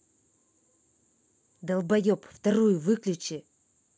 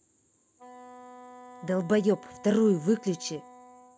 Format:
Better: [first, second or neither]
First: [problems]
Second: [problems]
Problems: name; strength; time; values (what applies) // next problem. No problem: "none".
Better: first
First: none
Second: background sound (Wind instrument, woodwind instrument); 20 dB below the speech